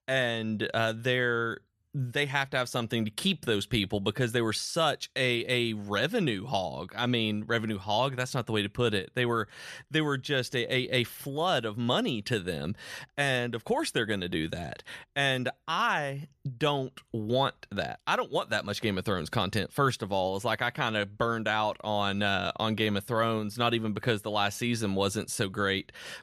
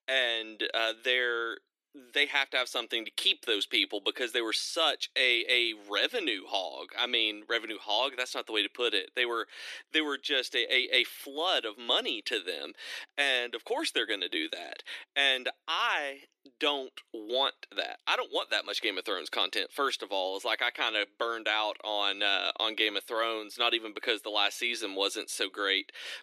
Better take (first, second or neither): first